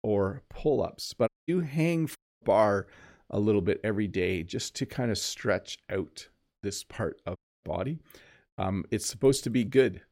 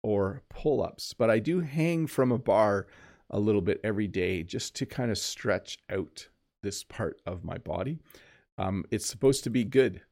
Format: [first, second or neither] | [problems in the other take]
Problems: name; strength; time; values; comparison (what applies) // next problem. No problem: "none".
second | audio cutting out; at 1.5 s, at 2 s and at 7.5 s